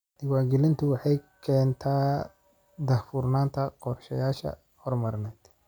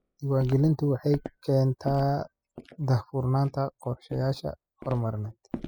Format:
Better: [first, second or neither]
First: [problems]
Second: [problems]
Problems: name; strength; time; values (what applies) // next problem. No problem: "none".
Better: first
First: none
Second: noise reduction (classical method spectral subtraction)